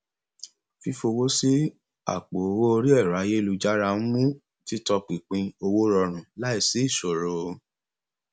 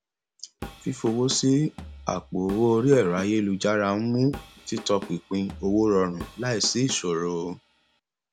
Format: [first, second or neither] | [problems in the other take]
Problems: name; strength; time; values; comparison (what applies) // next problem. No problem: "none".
first | background sound (Drum kit); 17 dB below the speech